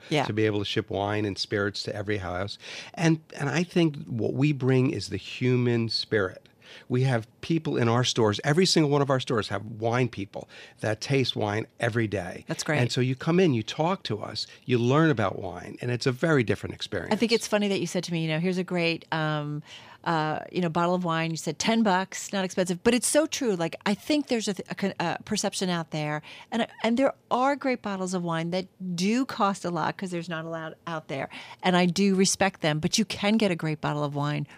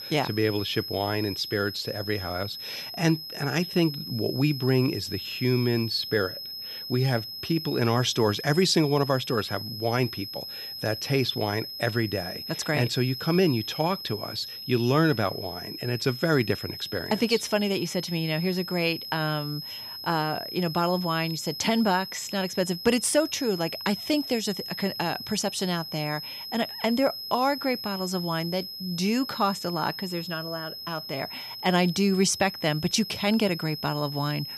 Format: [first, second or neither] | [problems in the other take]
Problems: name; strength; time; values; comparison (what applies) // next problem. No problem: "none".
first | high-pitched whine; loud; throughout; 5 kHz, 8 dB below the speech